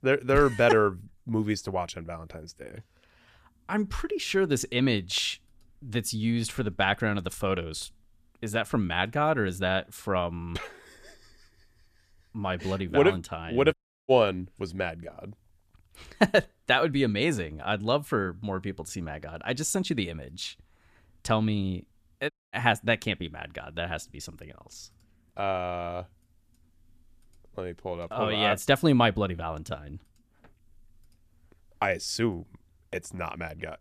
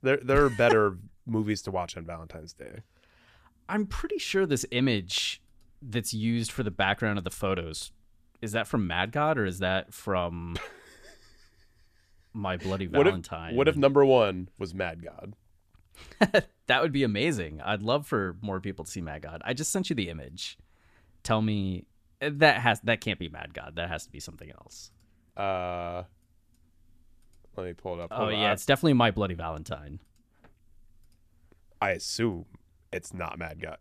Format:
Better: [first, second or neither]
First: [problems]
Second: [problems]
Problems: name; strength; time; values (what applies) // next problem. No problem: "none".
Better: second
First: audio cutting out; at 14 s and at 22 s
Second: none